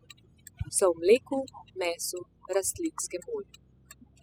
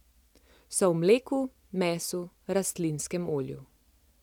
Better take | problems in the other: second | noise reduction (classical method spectral subtraction)

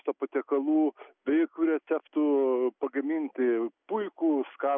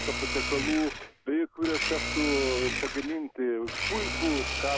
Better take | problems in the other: first | background sound (Domestic sounds, home sounds); 2 dB below the speech

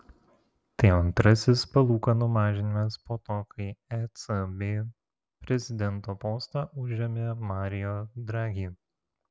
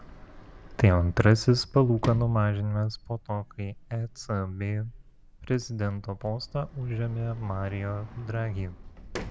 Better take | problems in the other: first | background sound (Sliding door); 16 dB below the speech

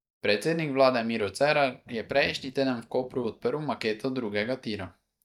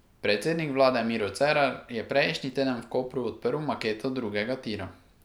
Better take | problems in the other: second | noise reduction (neural mask model DeepFilterNet 3)

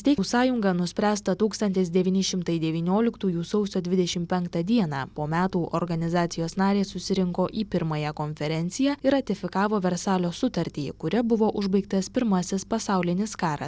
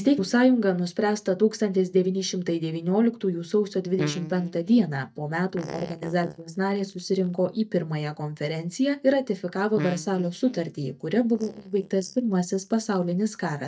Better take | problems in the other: first | noise reduction (neural mask model DeepFilterNet 3)

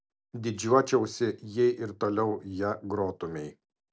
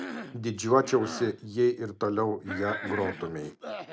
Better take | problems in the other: first | background sound (Cough); 11 dB below the speech

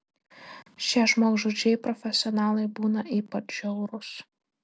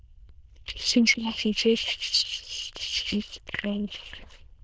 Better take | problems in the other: first | noise reduction (neural diffusion model UNIVERSE++)

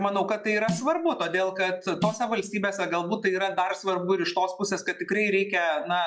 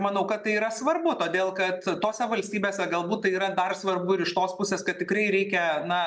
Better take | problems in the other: second | noise reduction (classical method log-MMSE)

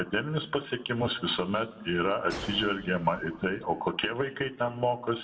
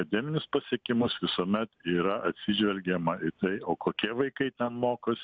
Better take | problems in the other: second | background sound (Gunshot, gunfire); 16 dB below the speech // room echo; dies away in 1.5 s

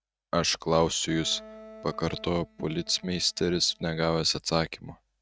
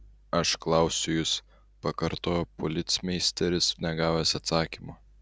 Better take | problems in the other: second | noise reduction (neural mask model RNNoise)

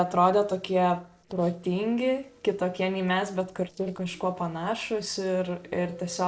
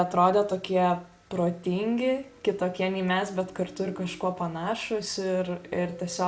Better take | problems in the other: second | noise reduction (neural separator model SepFormer DNS4)

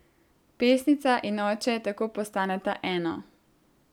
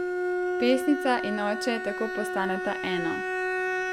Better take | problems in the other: first | background sound (Bowed string instrument); 1 dB below the speech

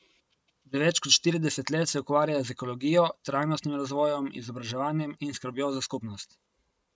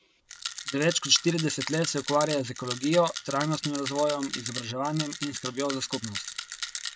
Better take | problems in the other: first | background sound (Rattle); 8 dB below the speech

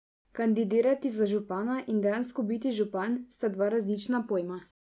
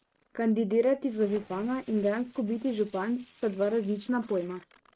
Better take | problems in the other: first | noise reduction (neural mask model RNNoise)

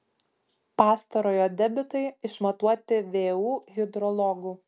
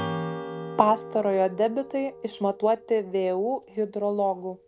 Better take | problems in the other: first | background sound (Strum); 12 dB below the speech

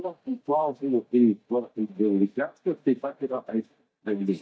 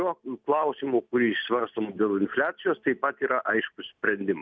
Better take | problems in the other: second | noise reduction (neural mask model DeepFilterNet 3)

